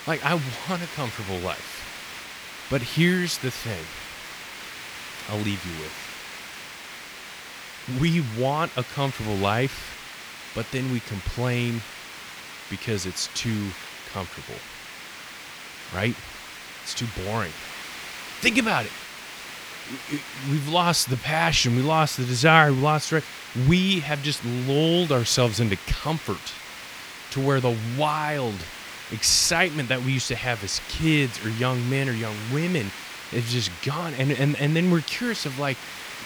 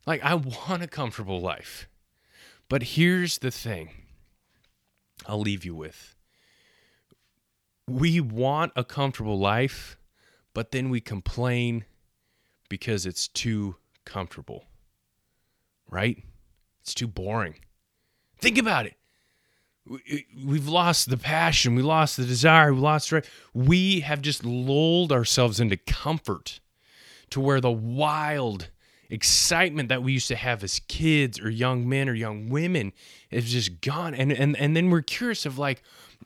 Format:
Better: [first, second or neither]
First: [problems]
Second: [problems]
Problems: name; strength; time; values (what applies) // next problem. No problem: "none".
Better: second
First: hiss; noticeable; throughout; 10 dB below the speech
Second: none